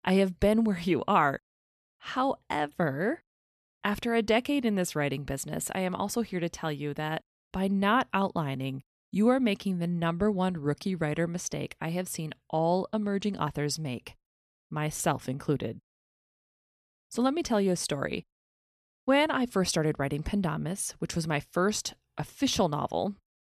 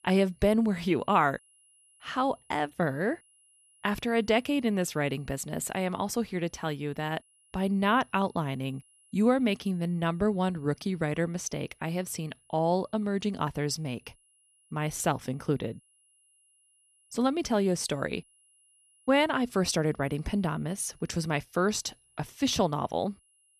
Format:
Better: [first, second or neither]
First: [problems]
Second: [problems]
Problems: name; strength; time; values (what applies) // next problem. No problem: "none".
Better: first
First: none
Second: high-pitched whine; faint; throughout; 10.5 kHz, 30 dB below the speech